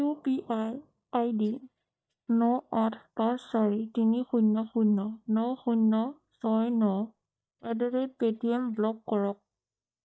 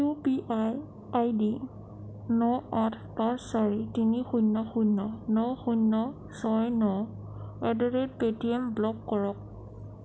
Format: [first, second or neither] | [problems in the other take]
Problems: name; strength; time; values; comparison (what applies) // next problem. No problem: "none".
second | noise reduction (neural mask model DeepFilterNet 3)